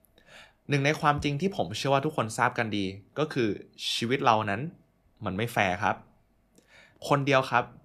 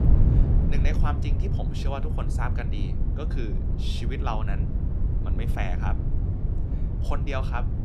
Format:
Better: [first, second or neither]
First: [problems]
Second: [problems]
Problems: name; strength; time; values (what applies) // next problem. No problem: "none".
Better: first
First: none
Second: wind noise on the microphone; heavy; 4 dB below the speech